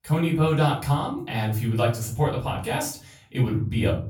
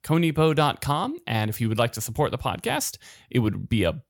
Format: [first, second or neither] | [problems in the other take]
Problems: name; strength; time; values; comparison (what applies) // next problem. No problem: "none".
second | room echo; slight; dies away in 0.4 s // off-mic speech; far